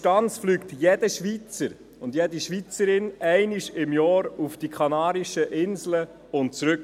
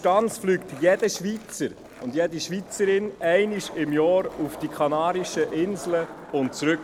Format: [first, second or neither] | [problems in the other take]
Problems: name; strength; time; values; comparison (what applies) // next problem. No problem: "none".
first | background sound (Skateboard); 17 dB below the speech